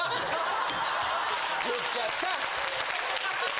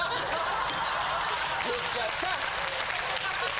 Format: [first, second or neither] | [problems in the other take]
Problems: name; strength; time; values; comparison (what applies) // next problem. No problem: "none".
first | background sound (Stream / Trickle, dribble); 13 dB below the speech